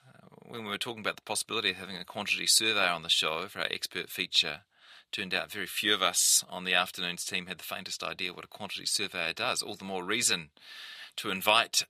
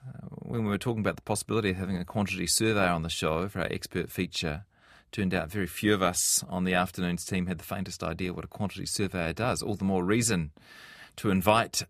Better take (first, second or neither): second